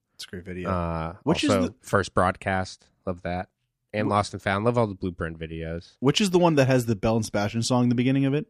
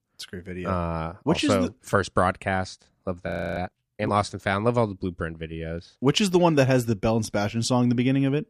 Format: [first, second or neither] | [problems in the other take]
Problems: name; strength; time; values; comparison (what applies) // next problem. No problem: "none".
first | audio freezing; at 3.5 s